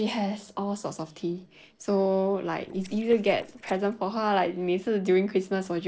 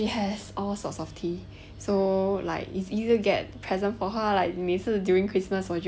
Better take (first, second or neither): second